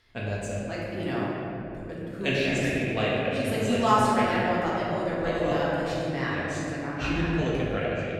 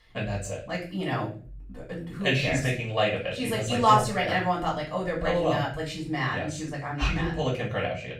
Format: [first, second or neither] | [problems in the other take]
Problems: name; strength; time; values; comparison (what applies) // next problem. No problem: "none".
second | room echo; strong; dies away in 2.7 s; slight in the second // off-mic speech; far; far in the second